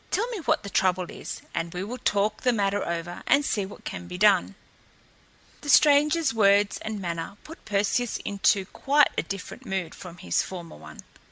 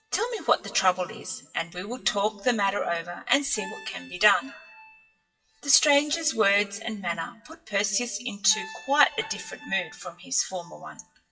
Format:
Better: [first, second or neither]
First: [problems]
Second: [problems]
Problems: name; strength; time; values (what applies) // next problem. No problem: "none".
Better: first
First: none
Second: noise reduction (classical method WPE with log-MMSE)